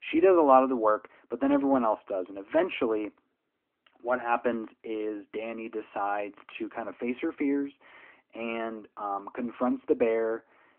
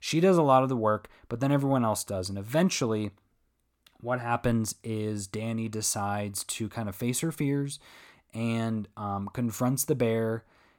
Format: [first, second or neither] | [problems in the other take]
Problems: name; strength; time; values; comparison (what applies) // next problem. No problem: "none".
second | phone-call audio